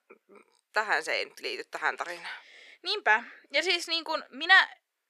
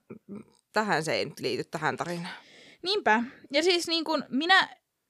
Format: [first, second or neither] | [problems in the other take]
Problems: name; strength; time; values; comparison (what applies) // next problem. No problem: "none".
second | thin; very; fading below 400 Hz